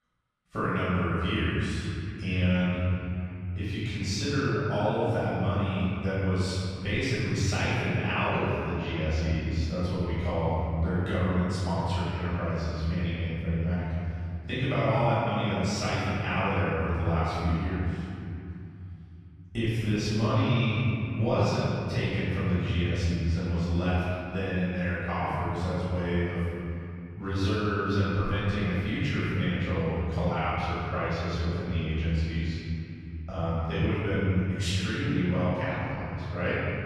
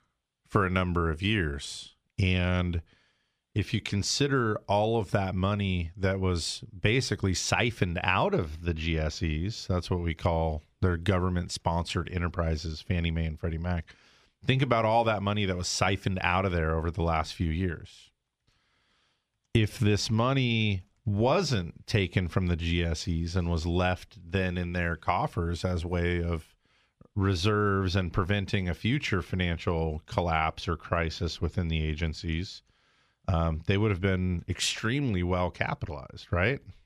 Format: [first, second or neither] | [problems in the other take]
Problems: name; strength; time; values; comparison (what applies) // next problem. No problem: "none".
second | off-mic speech; far // room echo; strong; dies away in 3 s